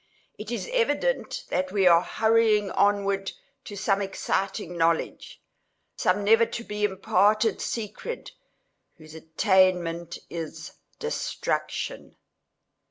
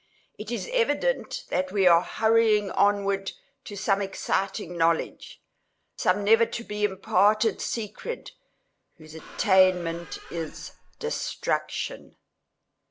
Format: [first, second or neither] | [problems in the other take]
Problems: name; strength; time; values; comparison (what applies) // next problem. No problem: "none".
first | background sound (Squeak); 18 dB below the speech